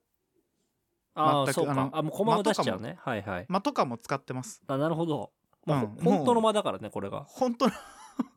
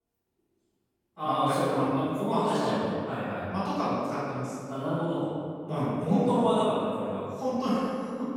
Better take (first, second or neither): first